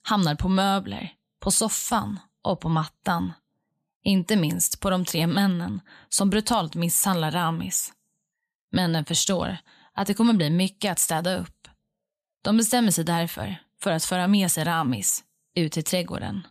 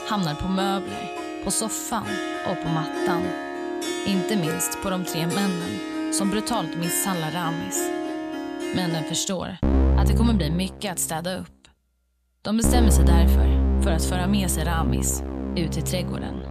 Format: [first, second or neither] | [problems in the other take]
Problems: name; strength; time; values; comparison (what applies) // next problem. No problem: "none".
first | background music; very loud; throughout; 1 dB above the speech